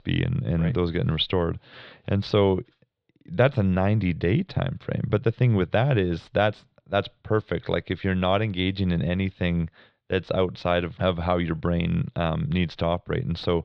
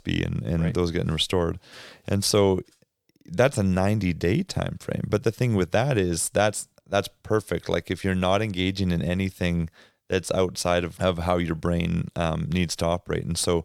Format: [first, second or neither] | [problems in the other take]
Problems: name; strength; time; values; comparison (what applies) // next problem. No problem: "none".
second | muffled; slightly; fading above 4 kHz